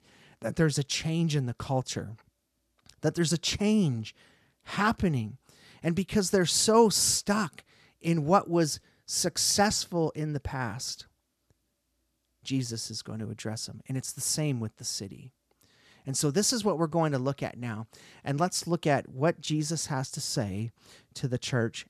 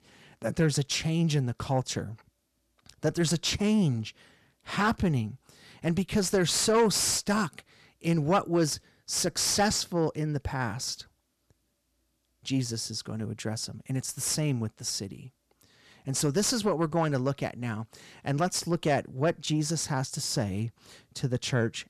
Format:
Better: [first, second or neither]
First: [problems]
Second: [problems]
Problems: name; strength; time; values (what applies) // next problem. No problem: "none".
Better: first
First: none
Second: distortion; slight; 10 dB below the speech